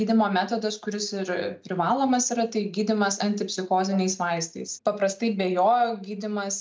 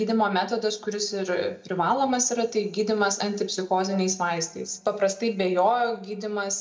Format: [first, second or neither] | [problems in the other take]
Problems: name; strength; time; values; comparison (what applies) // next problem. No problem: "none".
first | room echo; dies away in 1.2 s